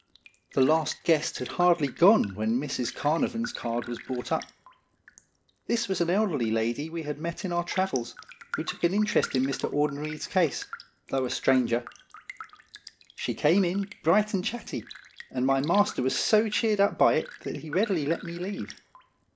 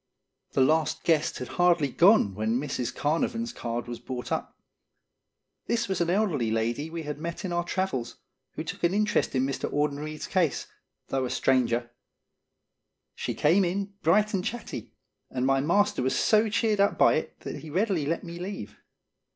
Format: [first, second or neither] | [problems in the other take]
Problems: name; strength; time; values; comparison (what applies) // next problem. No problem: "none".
second | background sound (Raindrop); 18 dB below the speech